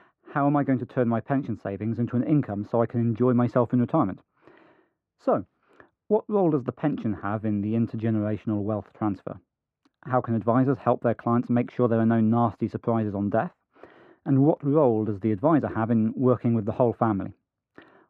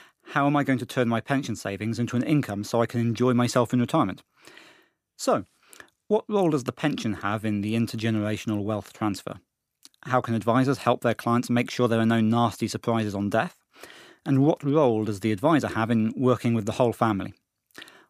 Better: second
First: muffled; very; fading above 3.5 kHz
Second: none

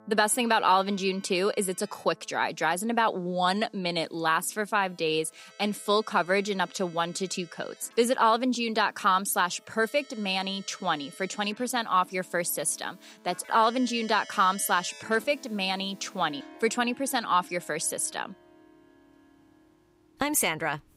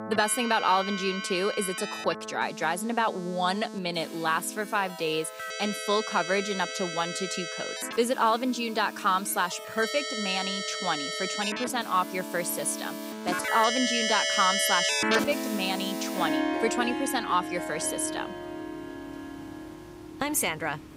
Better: first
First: background music; faint; throughout; 25 dB below the speech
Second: background music; loud; throughout; 3 dB below the speech

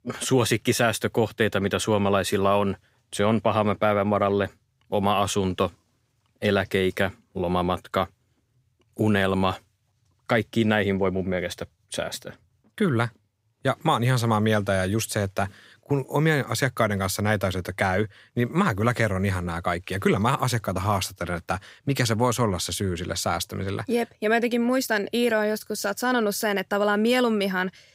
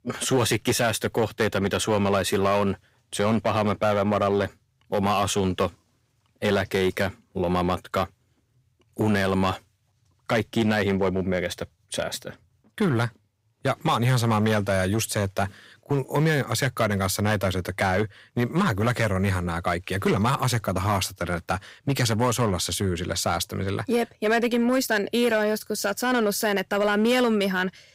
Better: first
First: none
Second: distortion; slight; 5% of the sound clipped

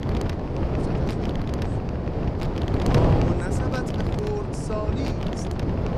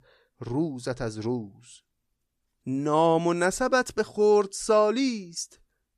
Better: second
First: wind noise on the microphone; heavy; 4 dB above the speech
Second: none

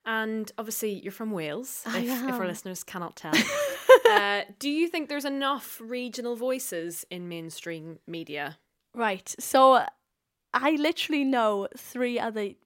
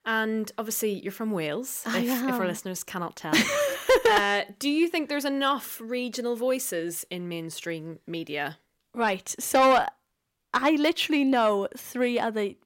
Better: first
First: none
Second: distortion; heavy; 7 dB below the speech

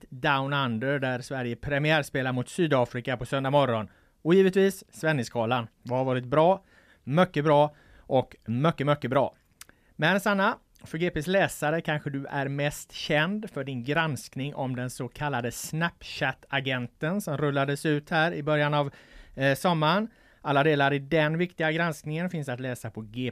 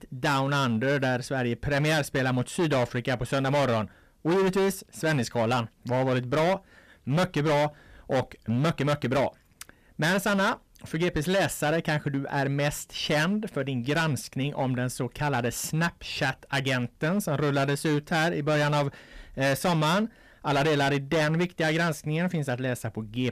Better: first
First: none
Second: distortion; heavy; 15% of the sound clipped

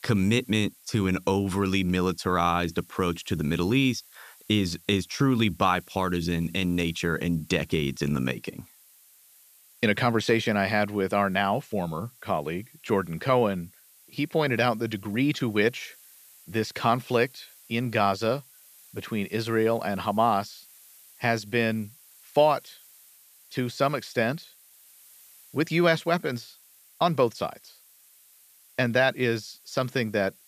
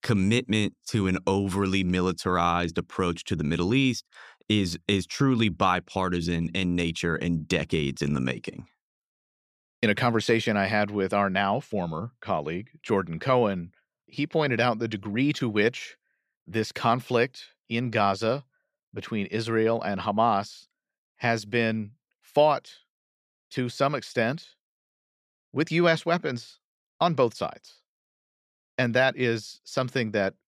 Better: second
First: hiss; faint; throughout; 25 dB below the speech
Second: none

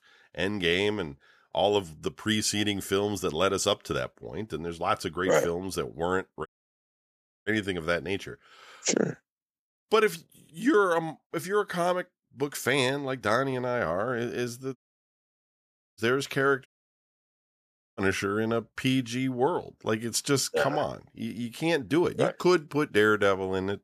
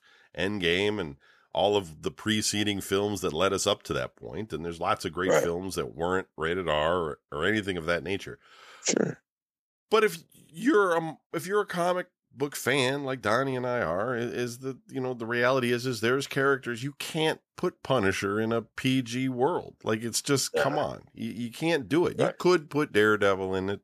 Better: second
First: audio cutting out; at 6.5 s for 1 s, at 15 s for 1 s and at 17 s for 1.5 s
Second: none

